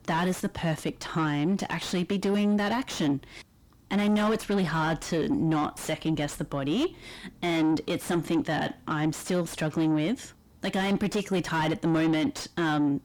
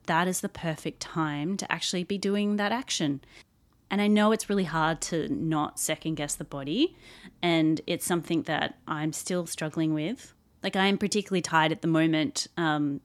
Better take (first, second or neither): second